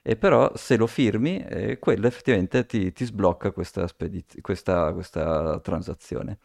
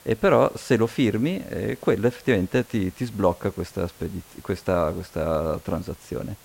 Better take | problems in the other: first | hiss; faint; throughout; 25 dB below the speech

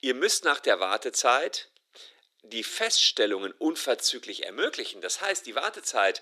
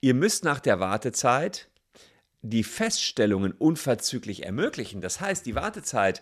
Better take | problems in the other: second | thin; very; fading below 350 Hz

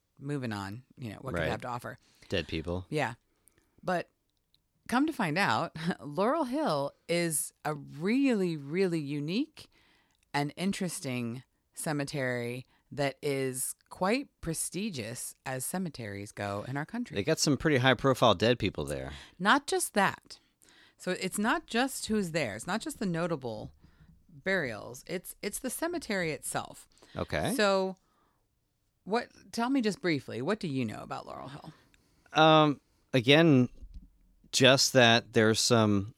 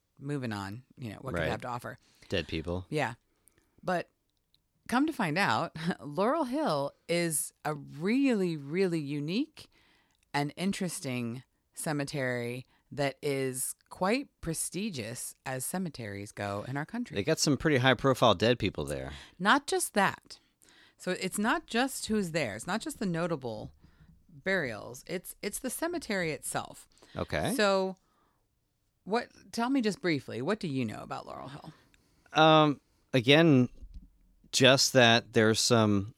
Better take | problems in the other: neither | none

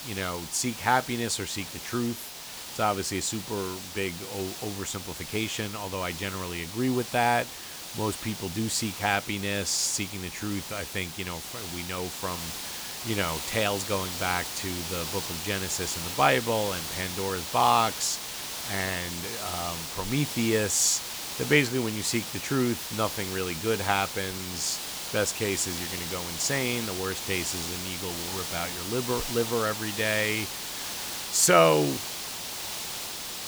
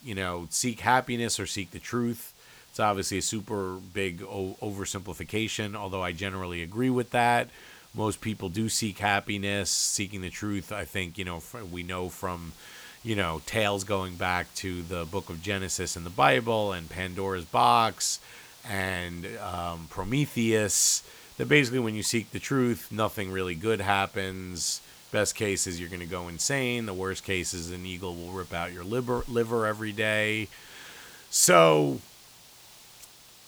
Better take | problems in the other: second | hiss; loud; throughout; 5 dB below the speech; faint in the second

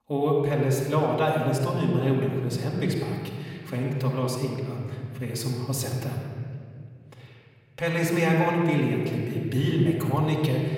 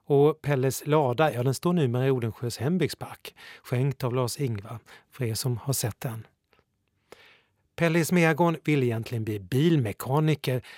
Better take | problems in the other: second | off-mic speech; far // room echo; noticeable; dies away in 2 s

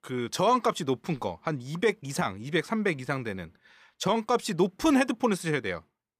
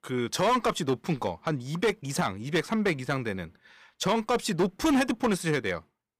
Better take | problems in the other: first | distortion; slight; 7% of the sound clipped

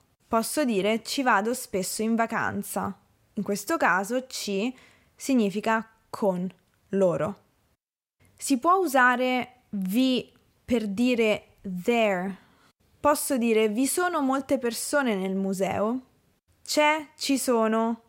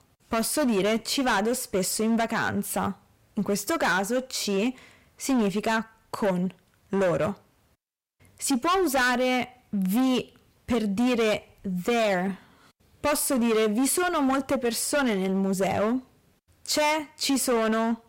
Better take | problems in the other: first | distortion; heavy; 14% of the sound clipped

